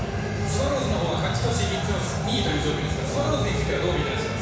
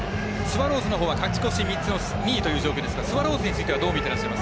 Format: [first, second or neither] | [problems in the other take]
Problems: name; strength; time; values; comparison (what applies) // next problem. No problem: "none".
second | room echo; dies away in 1.1 s